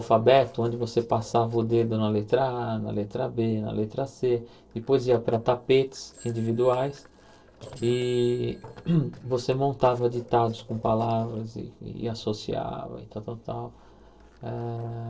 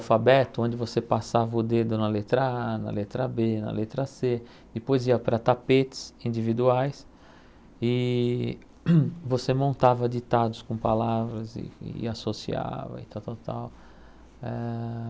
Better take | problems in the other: second | noise reduction (neural separator model SepFormer DNS4)

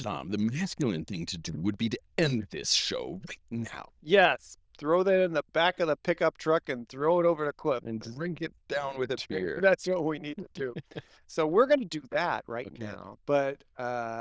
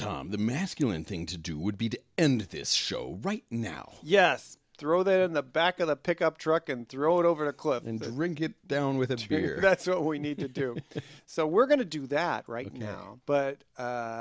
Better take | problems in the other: second | noise reduction (neural diffusion model UNIVERSE++)

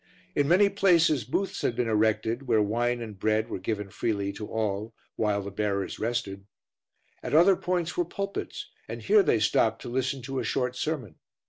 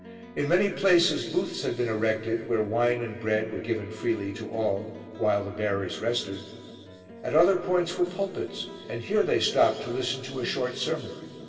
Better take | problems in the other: first | background sound (Plucked string instrument); 17 dB below the speech // room echo; dies away in 2.4 s

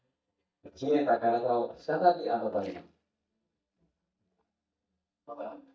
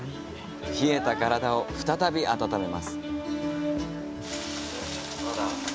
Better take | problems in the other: second | noise reduction (neural mask model DeepFilterNet 3)

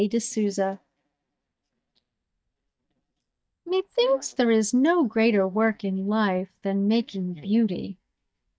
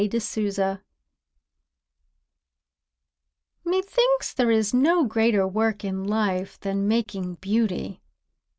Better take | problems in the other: second | noise reduction (neural mask model DeepFilterNet 3)

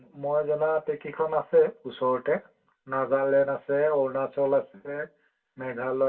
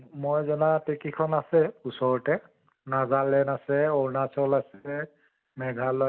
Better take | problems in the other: second | room echo; dies away in 0.1 s

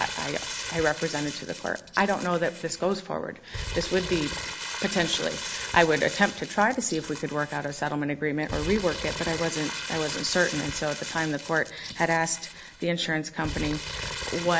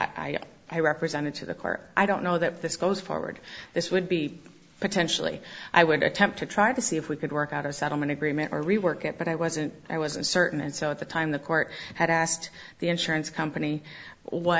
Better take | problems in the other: second | background sound (Crumpling, crinkling); 8 dB below the speech

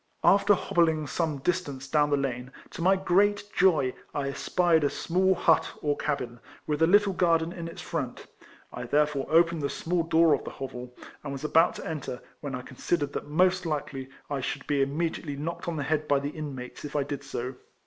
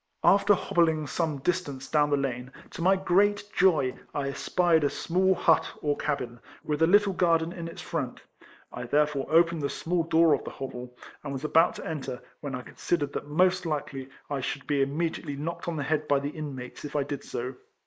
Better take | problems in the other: first | noise reduction (neural mask model Resemble Enhance denoiser)

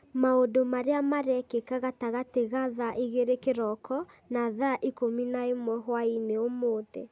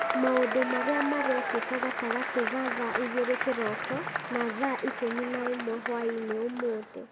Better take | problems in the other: first | background sound (Applause / Crowd / Cheering); 2 dB below the speech

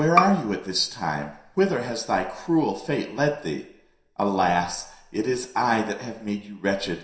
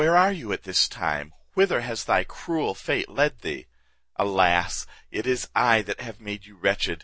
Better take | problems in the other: second | background sound (Bowed string instrument); 4 dB below the speech // room echo; dies away in 0.7 s

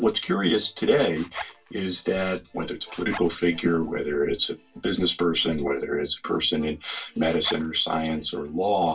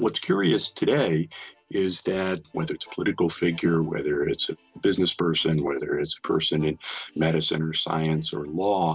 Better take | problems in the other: second | background sound (Zipper (clothing)); 16 dB below the speech // room echo; dies away in 0.1 s

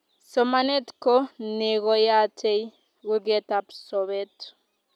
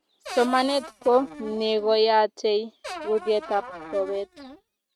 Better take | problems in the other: first | noise reduction (neural mask model RNNoise)

